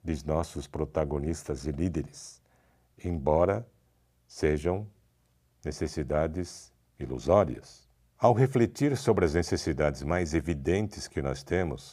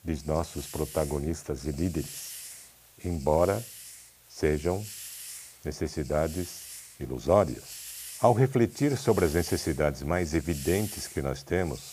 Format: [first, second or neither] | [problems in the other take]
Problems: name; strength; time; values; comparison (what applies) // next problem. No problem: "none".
first | hiss; noticeable; throughout; 15 dB below the speech